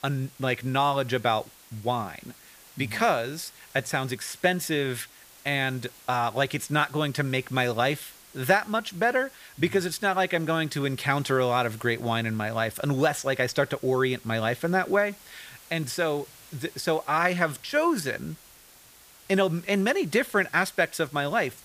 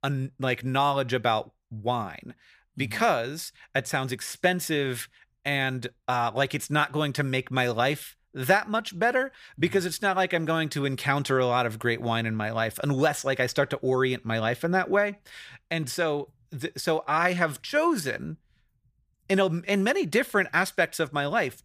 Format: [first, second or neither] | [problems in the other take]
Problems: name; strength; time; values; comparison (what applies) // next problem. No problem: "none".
second | hiss; faint; throughout; 25 dB below the speech